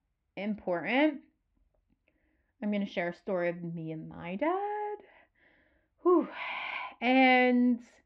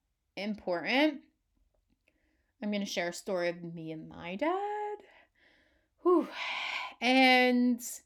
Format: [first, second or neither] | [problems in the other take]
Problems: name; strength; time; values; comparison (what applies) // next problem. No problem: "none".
second | muffled; very; fading above 2.5 kHz